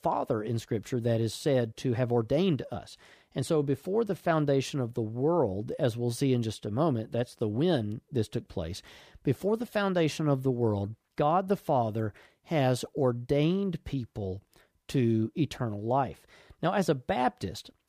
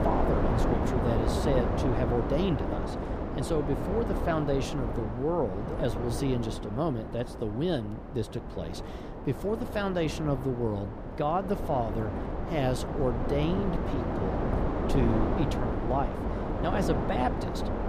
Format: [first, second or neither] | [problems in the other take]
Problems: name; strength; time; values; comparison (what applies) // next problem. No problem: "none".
first | wind noise on the microphone; heavy; 2 dB below the speech